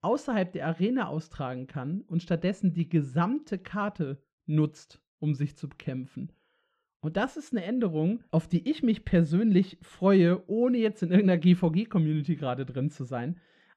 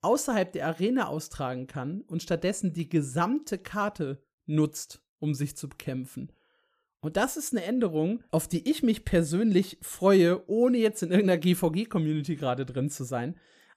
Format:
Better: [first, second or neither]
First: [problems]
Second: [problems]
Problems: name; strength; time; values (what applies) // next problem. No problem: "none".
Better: second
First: muffled; slightly; fading above 3 kHz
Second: none